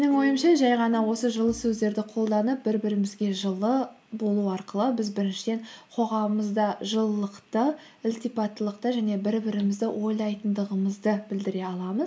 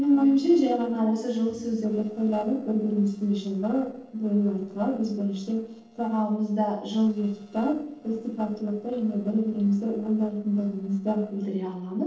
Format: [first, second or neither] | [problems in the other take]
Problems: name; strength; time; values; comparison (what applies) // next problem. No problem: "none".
first | noise reduction (neural separator model SepFormer DNS4)